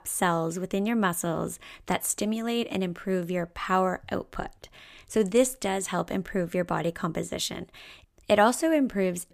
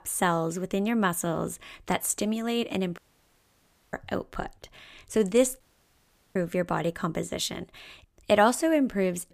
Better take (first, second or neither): first